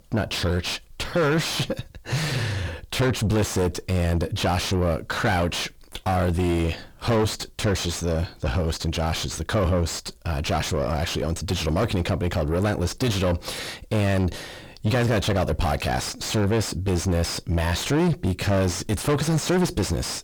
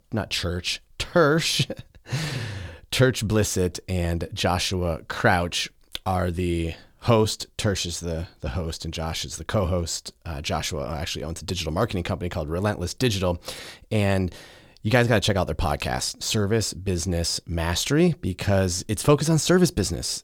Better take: second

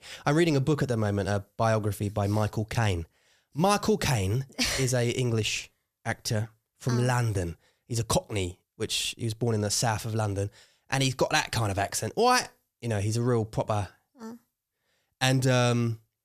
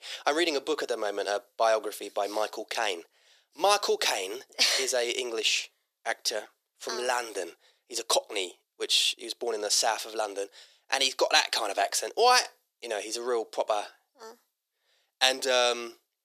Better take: first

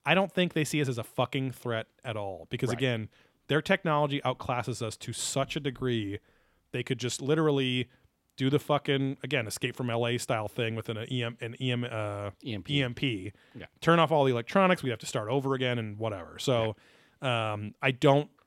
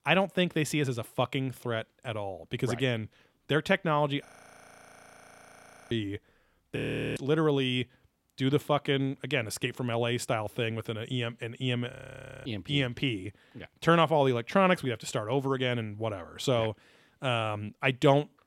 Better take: first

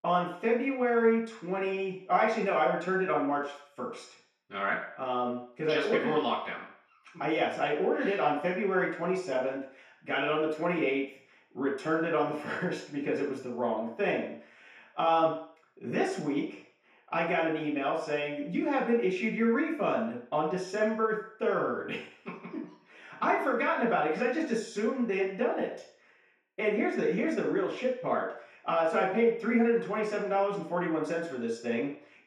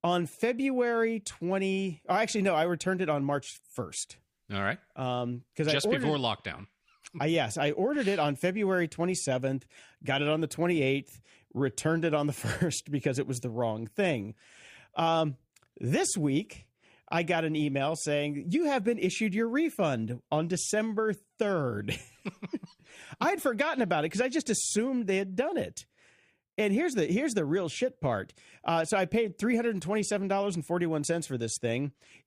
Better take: second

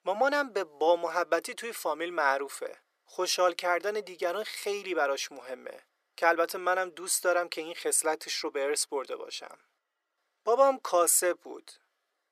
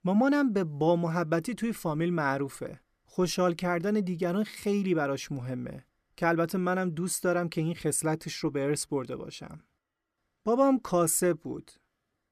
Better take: second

